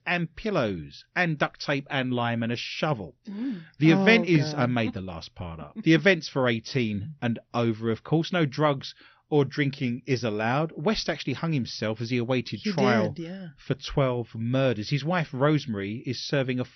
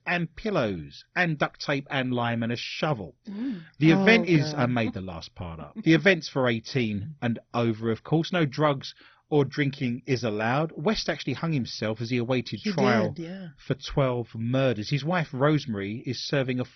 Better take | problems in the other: first | garbled, watery; badly; nothing above 6 kHz; slightly in the first

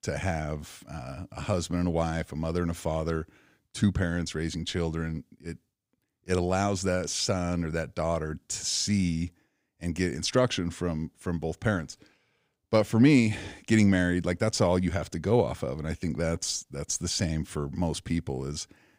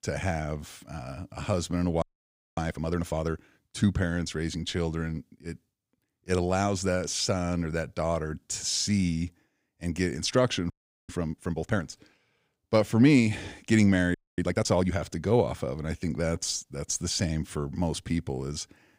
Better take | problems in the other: first | audio freezing; at 2 s for 0.5 s, at 11 s and at 14 s

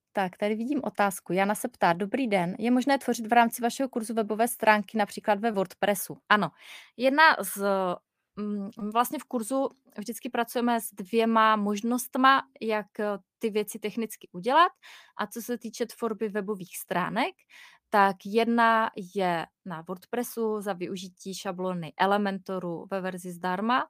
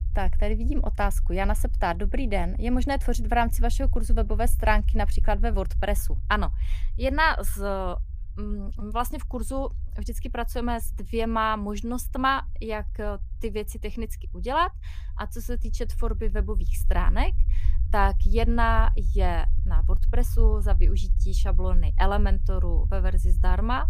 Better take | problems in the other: first | low rumble; faint; throughout; 20 dB below the speech

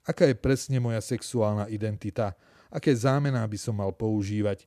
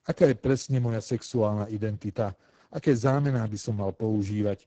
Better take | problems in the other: first | garbled, watery; badly; nothing above 8 kHz

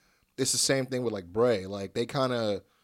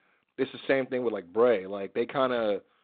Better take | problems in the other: first | phone-call audio; nothing above 4 kHz

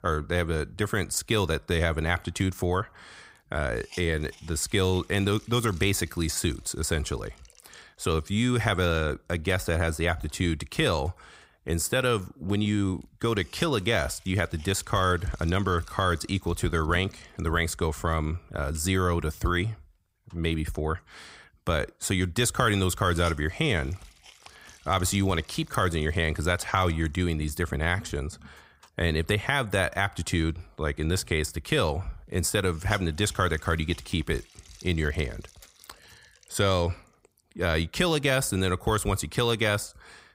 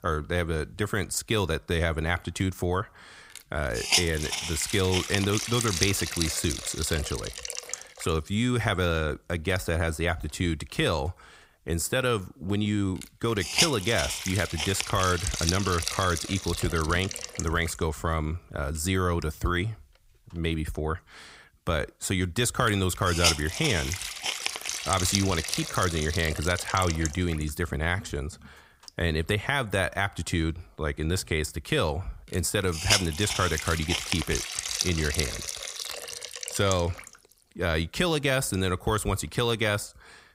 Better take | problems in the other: first | hiss; loud; throughout; 2 dB below the speech; faint in the first

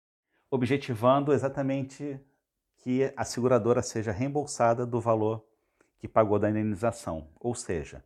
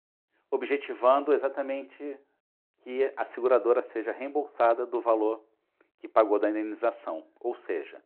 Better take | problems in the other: first | phone-call audio; nothing above 4 kHz

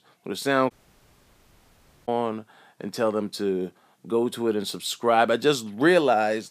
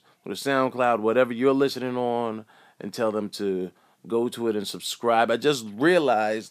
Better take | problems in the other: second | audio cutting out; at 0.5 s for 1.5 s

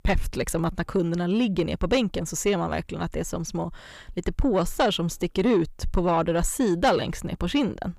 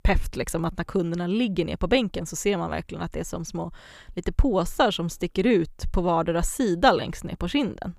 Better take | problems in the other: second | distortion; slight; 10 dB below the speech

